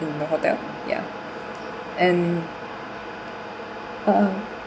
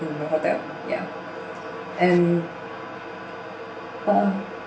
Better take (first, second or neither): first